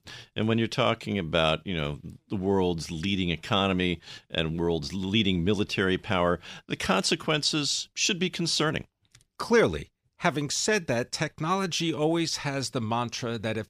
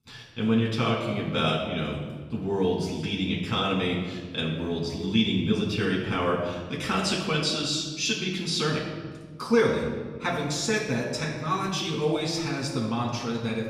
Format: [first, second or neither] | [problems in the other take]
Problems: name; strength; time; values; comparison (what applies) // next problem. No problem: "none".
first | room echo; noticeable; dies away in 1.3 s // off-mic speech; far